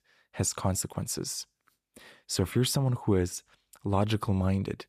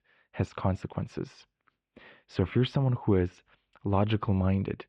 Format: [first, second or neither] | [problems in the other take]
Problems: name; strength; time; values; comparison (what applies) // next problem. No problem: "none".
first | muffled; very; fading above 3 kHz